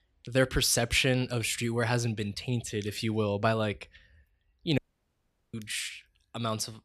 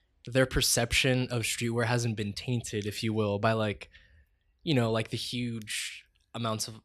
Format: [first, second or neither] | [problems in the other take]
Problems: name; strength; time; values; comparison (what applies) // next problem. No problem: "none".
second | audio cutting out; at 5 s for 1 s